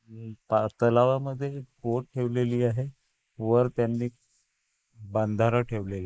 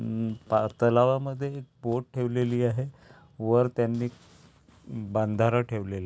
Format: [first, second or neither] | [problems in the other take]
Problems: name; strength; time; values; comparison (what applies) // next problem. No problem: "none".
second | noise reduction (neural mask model Resemble Enhance denoiser)